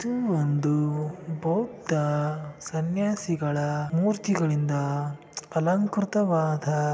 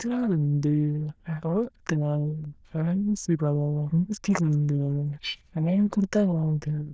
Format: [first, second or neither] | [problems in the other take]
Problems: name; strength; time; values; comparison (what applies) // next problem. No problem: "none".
first | noise reduction (neural diffusion model UNIVERSE++)